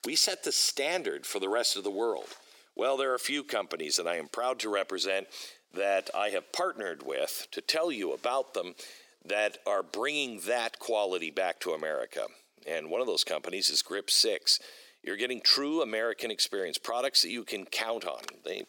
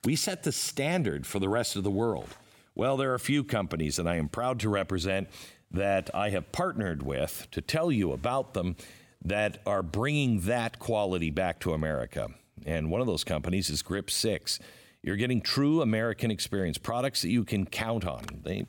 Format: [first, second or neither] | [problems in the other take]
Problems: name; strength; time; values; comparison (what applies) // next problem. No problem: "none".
second | thin; somewhat; fading below 400 Hz